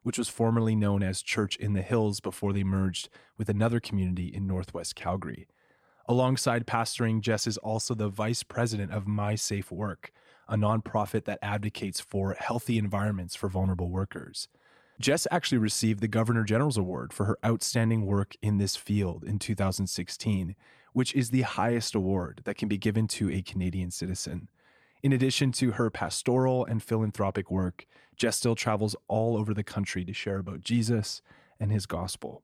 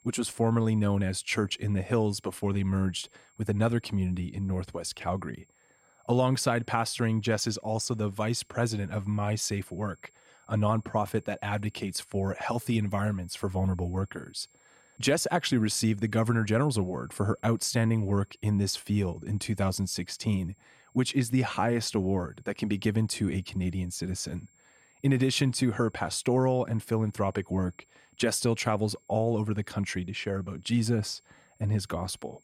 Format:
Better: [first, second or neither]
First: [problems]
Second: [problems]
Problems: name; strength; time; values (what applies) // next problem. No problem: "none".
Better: first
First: none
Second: high-pitched whine; faint; throughout; 7.5 kHz, 35 dB below the speech